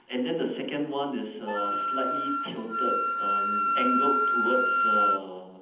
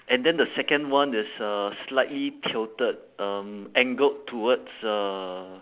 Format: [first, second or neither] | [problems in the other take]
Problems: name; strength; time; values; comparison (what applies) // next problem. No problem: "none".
second | background sound (Wind instrument, woodwind instrument); 4 dB above the speech // room echo; dies away in 0.8 s